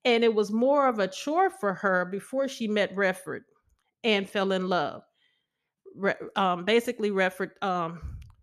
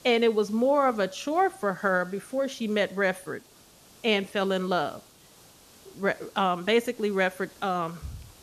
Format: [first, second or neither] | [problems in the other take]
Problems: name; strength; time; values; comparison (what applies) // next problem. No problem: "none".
first | hiss; faint; throughout; 25 dB below the speech